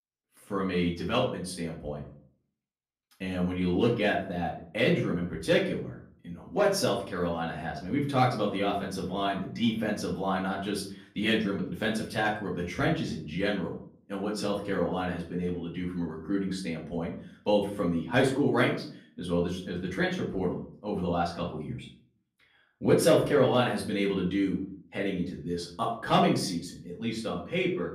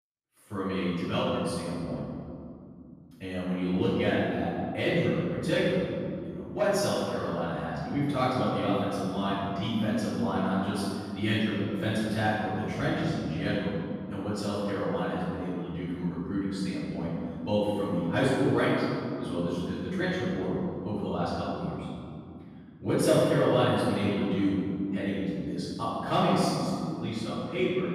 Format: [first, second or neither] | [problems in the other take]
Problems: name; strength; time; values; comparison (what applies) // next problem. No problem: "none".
first | room echo; strong; dies away in 2.7 s; slight in the first // off-mic speech; far; far in the first